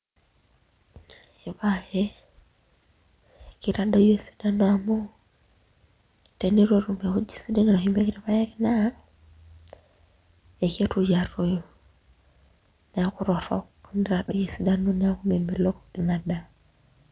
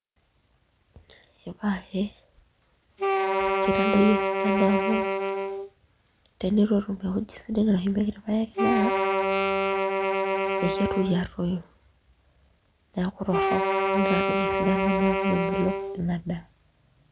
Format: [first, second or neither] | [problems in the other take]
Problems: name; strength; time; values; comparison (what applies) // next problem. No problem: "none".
first | background sound (Wind instrument, woodwind instrument); 2 dB above the speech